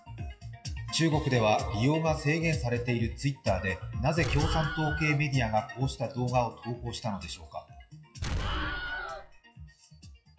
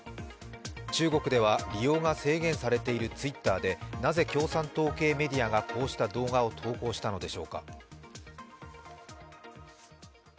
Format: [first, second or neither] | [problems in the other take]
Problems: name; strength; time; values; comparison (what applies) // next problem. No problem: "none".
second | noise reduction (classical method WPE with log-MMSE)